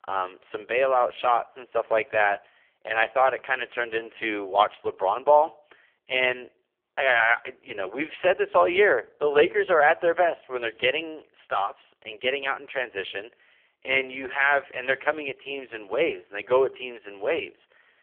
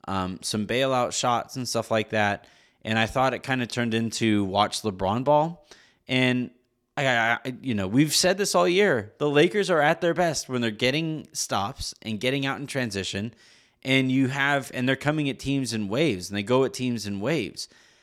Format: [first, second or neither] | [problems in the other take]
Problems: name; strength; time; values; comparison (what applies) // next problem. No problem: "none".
second | phone-call audio; poor line; nothing above 3 kHz